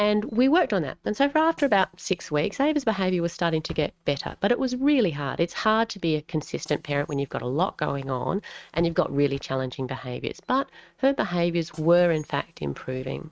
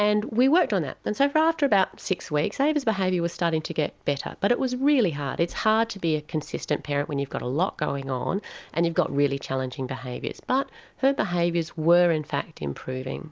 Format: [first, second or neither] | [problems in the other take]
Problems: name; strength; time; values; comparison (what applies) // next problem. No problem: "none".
second | noise reduction (neural mask model RNNoise)